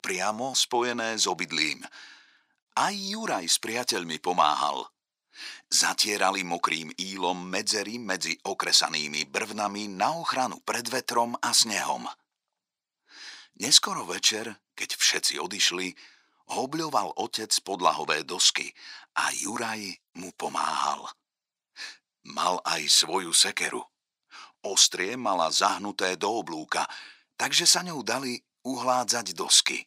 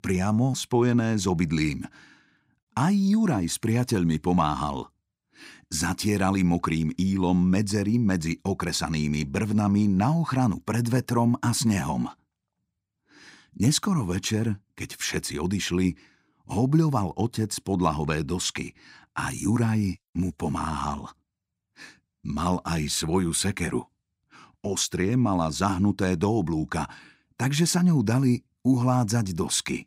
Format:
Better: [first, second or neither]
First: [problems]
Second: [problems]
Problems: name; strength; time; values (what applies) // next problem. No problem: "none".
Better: second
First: thin; very; fading below 650 Hz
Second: none